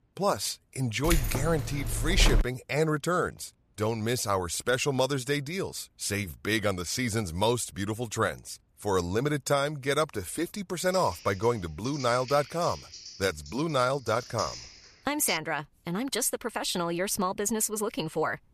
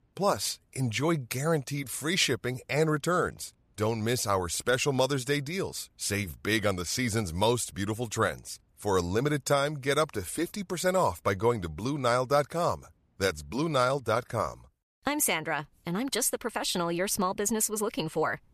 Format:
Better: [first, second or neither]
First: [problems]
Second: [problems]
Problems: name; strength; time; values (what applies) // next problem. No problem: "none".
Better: second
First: jangling keys; loud; from 1 to 2.5 s; peak 2 dB above the speech // keyboard typing; noticeable; from 11 to 15 s; peak 8 dB below the speech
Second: none